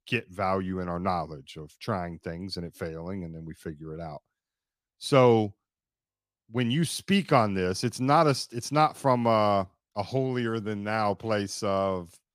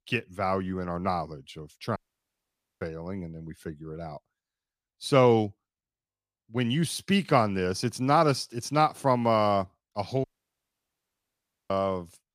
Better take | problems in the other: first | audio cutting out; at 2 s for 1 s and at 10 s for 1.5 s

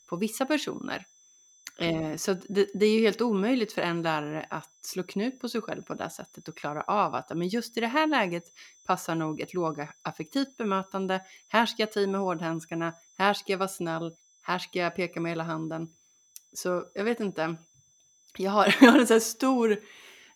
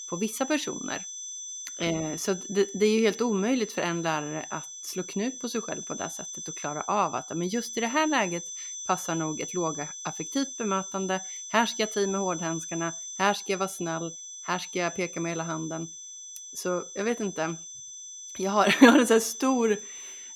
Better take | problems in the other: first | high-pitched whine; loud; throughout; 6 kHz, 9 dB below the speech; faint in the first

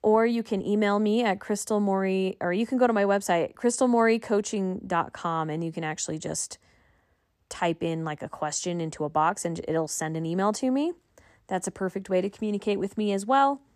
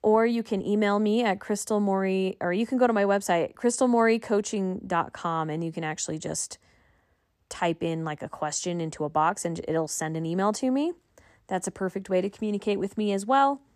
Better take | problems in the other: neither | none

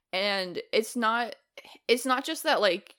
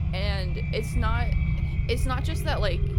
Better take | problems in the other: first | low rumble; loud; throughout; 7 dB below the speech

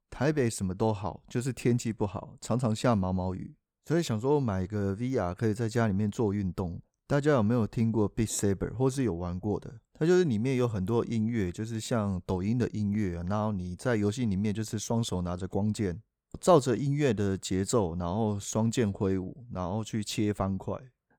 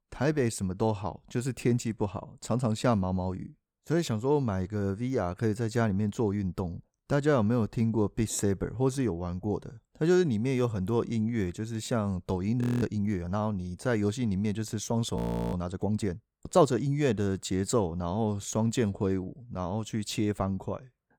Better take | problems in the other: first | audio freezing; at 13 s and at 15 s

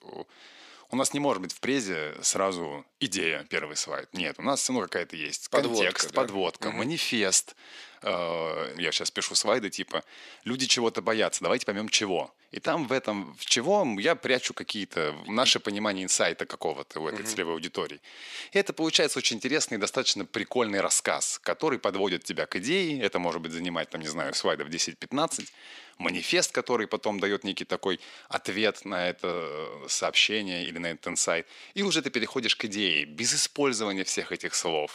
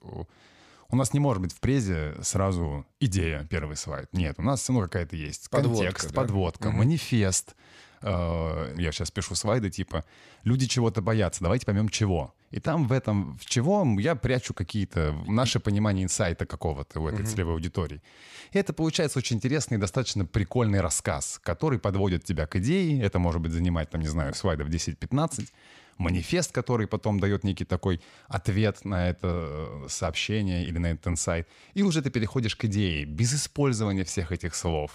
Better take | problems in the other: second | thin; somewhat; fading below 300 Hz

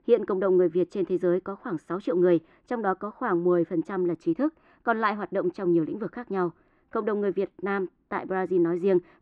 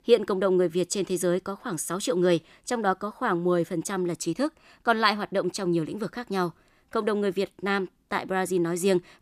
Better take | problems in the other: second | muffled; very; fading above 1.5 kHz

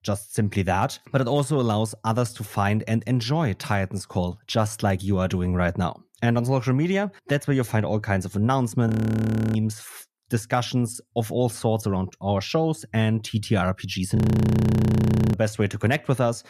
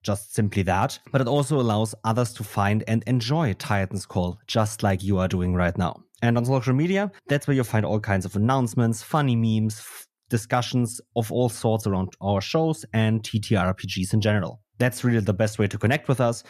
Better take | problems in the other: second | audio freezing; at 9 s for 0.5 s and at 14 s for 1 s

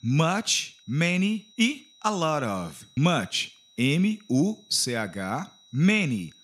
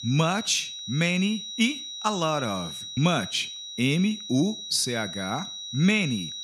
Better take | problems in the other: first | high-pitched whine; loud; throughout; 4 kHz, 8 dB below the speech; faint in the first

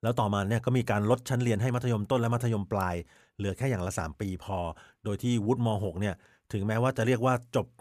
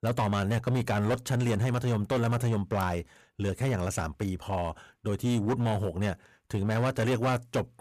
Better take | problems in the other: first | distortion; slight; 13% of the sound clipped

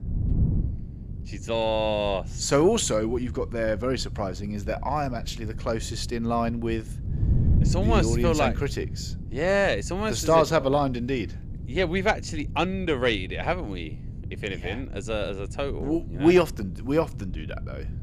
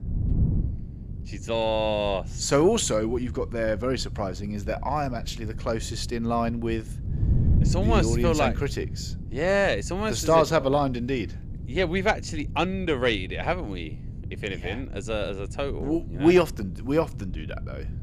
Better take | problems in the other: neither | wind noise on the microphone; occasional gusts; 20 dB below the speech; the same in both

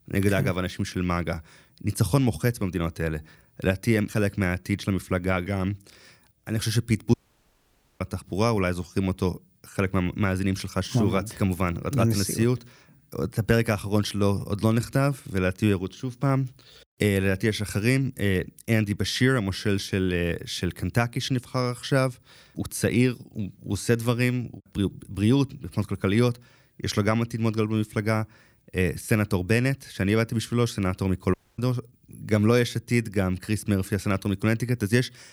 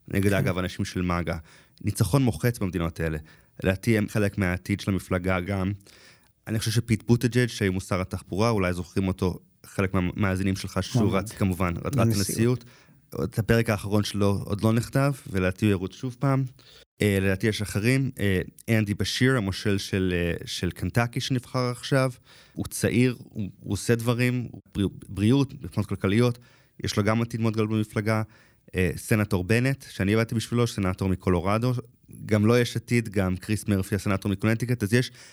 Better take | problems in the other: second | audio cutting out; at 7 s for 1 s and at 31 s

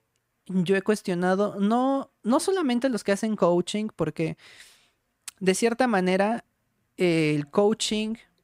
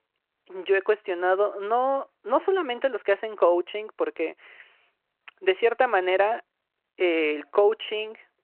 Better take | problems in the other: first | phone-call audio

